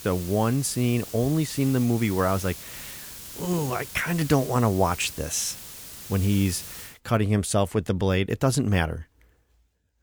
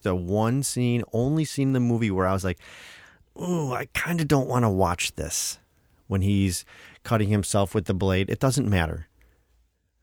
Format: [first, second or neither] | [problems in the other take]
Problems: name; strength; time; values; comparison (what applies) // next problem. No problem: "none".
second | hiss; noticeable; until 7 s; 10 dB below the speech